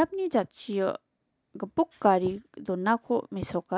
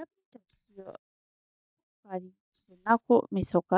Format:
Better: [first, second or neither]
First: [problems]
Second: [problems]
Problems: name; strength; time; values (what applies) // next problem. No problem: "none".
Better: first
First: none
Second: noise reduction (neural mask model DeepFilterNet 3)